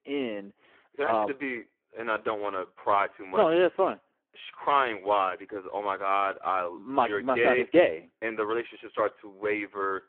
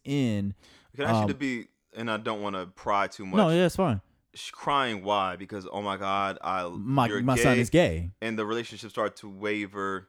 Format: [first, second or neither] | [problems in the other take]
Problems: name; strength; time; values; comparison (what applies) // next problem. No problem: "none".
second | phone-call audio; poor line